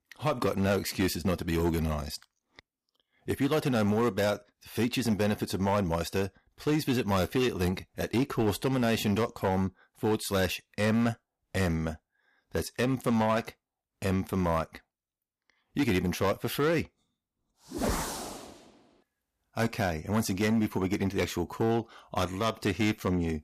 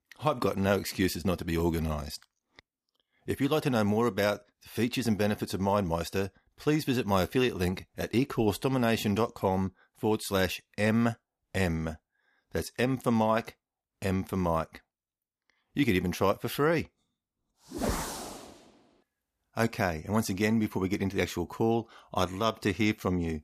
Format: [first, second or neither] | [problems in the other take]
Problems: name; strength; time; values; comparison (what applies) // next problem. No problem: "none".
second | distortion; slight; 5% of the sound clipped